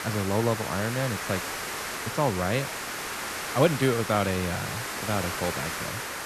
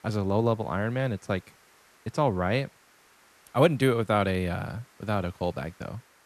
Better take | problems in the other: second | hiss; loud; throughout; 4 dB below the speech; faint in the second

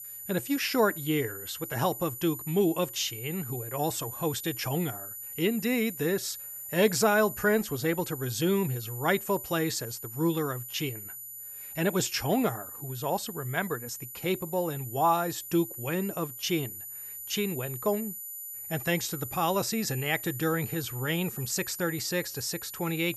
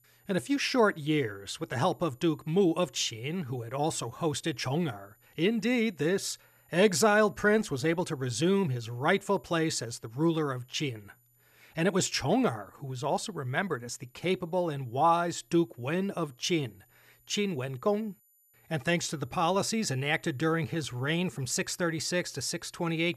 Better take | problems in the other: second | high-pitched whine; loud; throughout; 12 kHz, 9 dB below the speech; faint in the second

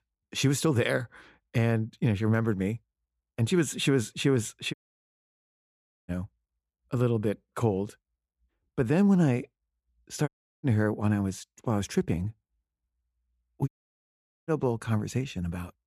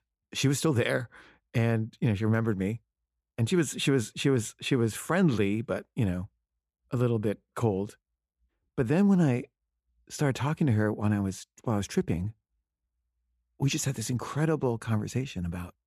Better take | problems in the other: second | audio cutting out; at 4.5 s for 1.5 s, at 10 s and at 14 s for 1 s

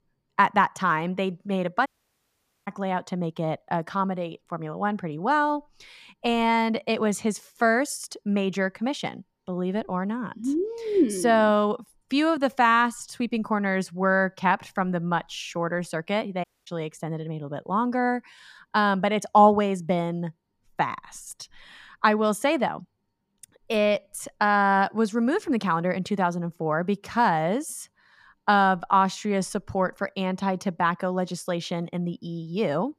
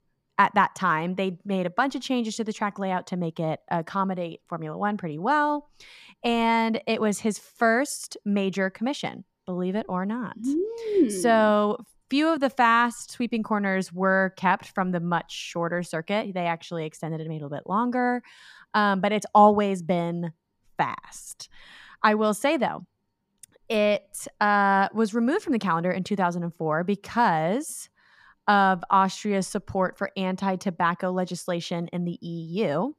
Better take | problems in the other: second | audio cutting out; at 2 s for 1 s and at 16 s

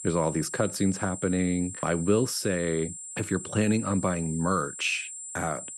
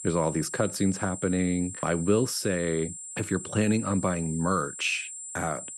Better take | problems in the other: neither | high-pitched whine; loud; throughout; 7.5 kHz, 9 dB below the speech; the same in both

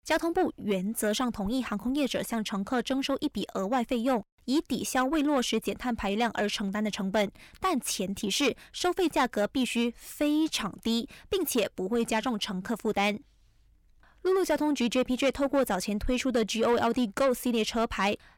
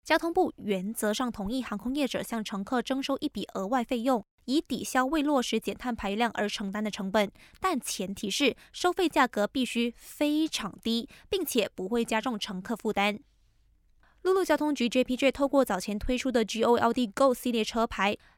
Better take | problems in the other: second | distortion; slight; 10 dB below the speech

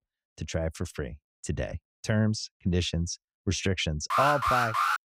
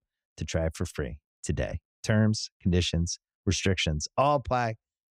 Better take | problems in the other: second | alarm; loud; at 4 s; peak 5 dB above the speech

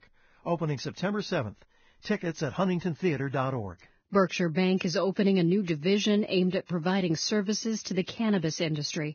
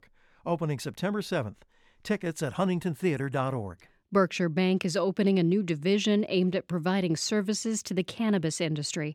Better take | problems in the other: second | garbled, watery; badly; nothing above 6.5 kHz

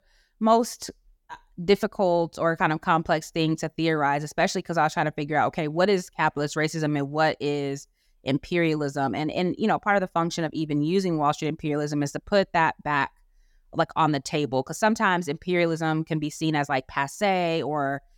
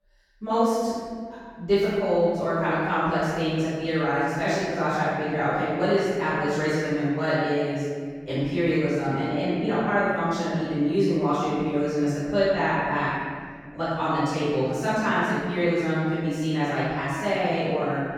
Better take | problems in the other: first | room echo; strong; dies away in 2 s // off-mic speech; far

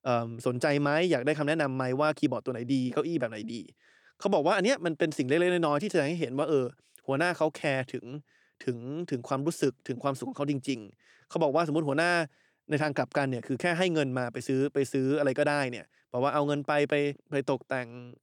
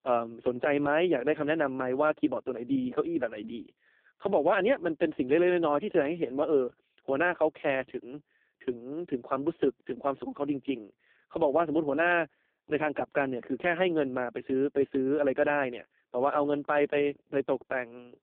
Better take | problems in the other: first | phone-call audio; poor line

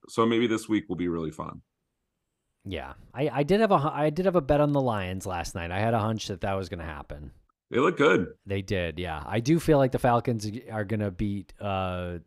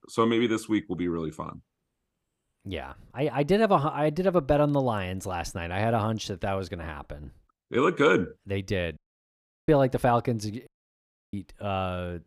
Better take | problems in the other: first | audio cutting out; at 9 s for 0.5 s and at 11 s for 0.5 s

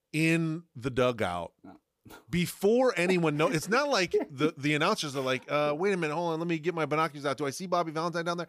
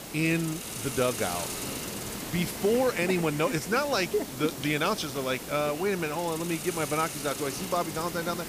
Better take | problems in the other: first | hiss; loud; throughout; 7 dB below the speech

